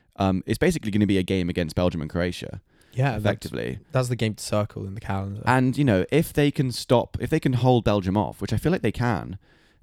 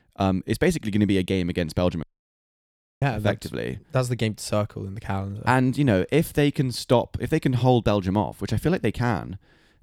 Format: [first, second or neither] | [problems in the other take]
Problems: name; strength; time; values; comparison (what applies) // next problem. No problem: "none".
first | audio cutting out; at 2 s for 1 s